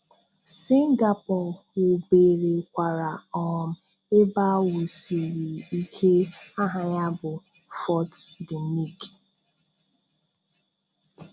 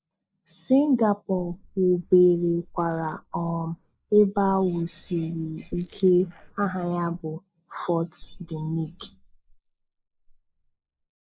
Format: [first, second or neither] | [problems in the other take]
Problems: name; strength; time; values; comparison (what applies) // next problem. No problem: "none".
first | noise reduction (neural mask model Resemble Enhance denoiser)